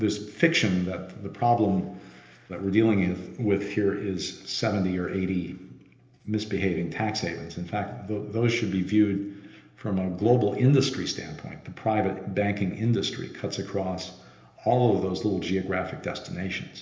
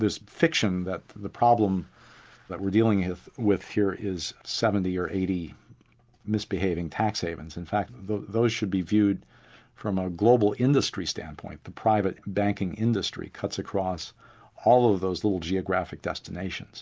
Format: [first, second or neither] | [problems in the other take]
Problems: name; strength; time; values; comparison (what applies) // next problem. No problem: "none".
second | room echo; dies away in 1.4 s